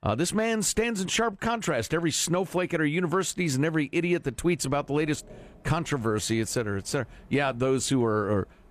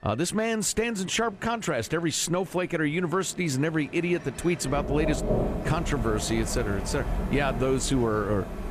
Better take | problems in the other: first | rain or running water; loud; throughout; 6 dB below the speech; faint in the first

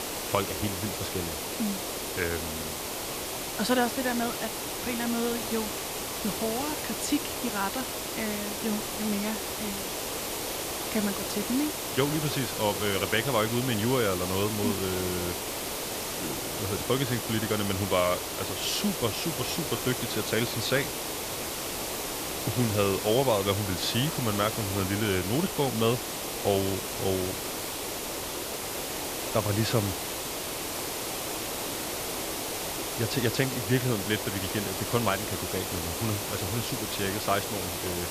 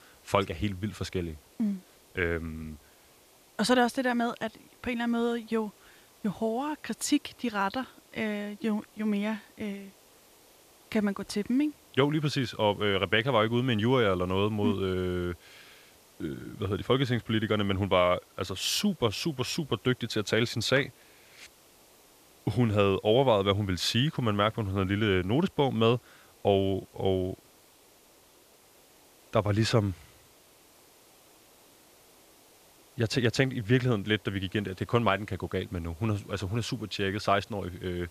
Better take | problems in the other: second | hiss; loud; throughout; 2 dB below the speech; faint in the second

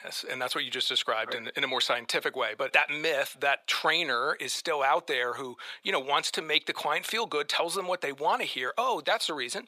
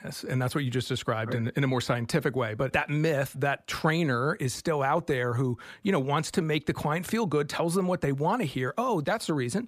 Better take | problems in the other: second | thin; very; fading below 650 Hz

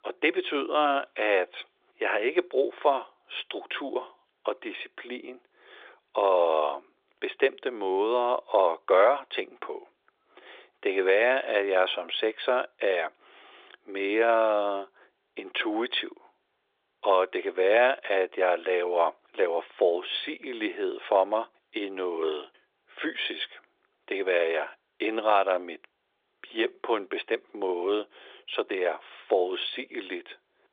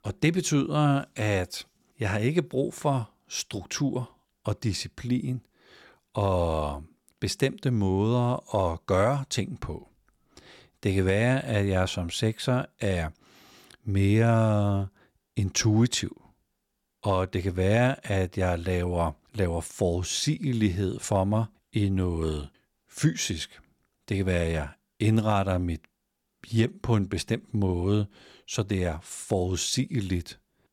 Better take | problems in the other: second | phone-call audio

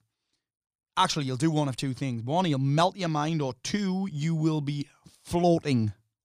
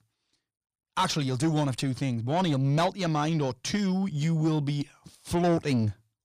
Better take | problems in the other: first | distortion; slight; 10 dB below the speech

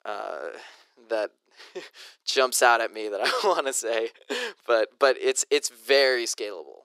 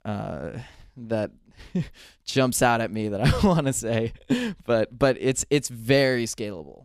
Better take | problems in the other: second | thin; very; fading below 350 Hz

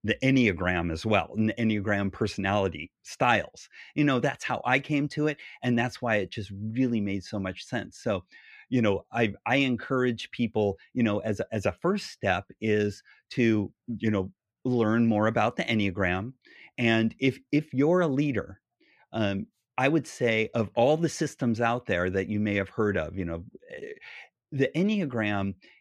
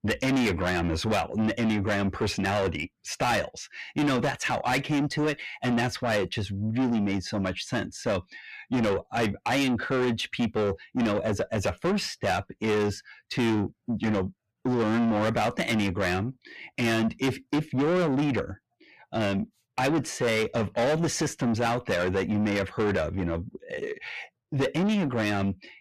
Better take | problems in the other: first | distortion; heavy; 6 dB below the speech

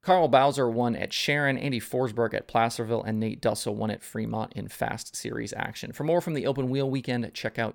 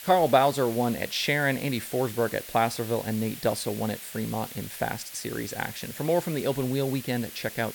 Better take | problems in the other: first | hiss; noticeable; throughout; 10 dB below the speech

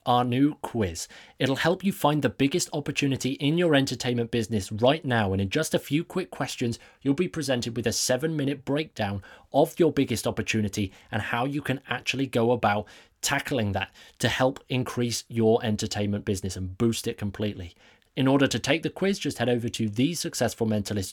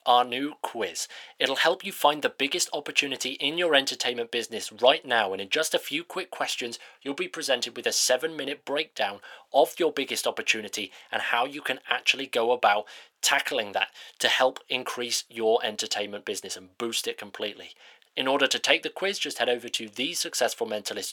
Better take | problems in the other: first | thin; very; fading below 600 Hz

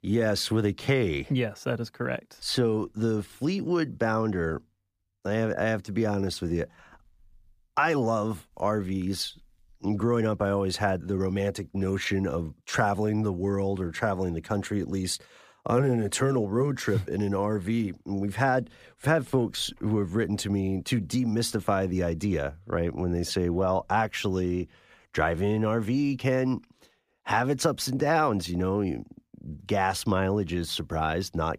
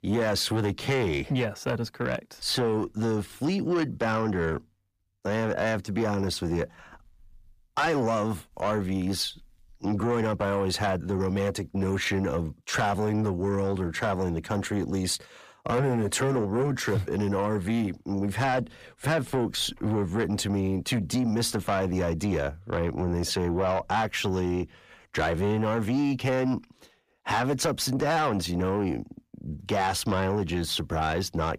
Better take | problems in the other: first | distortion; slight; 10 dB below the speech

